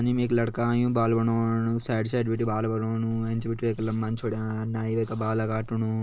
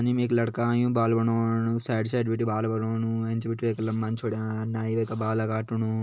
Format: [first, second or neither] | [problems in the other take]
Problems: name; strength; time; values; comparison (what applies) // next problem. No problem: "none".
second | background sound (Livestock, farm animals, working animals); 17 dB below the speech